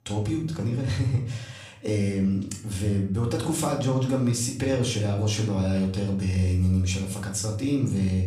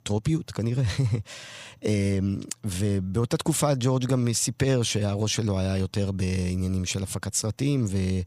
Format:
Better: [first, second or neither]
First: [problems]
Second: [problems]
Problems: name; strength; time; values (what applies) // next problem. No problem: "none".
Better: second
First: room echo; slight; dies away in 0.5 s // off-mic speech; somewhat distant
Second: none